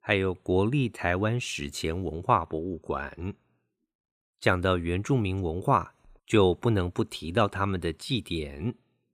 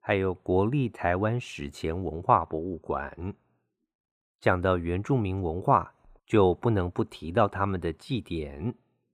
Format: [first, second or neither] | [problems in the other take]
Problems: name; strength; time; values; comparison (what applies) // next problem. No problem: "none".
first | muffled; slightly; fading above 2.5 kHz